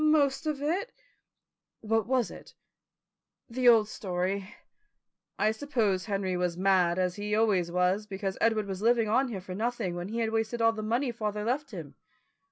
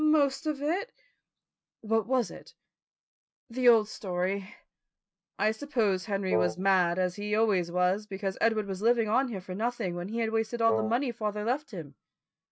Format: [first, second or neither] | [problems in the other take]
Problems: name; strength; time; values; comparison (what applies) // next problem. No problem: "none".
first | noise reduction (neural mask model RNNoise)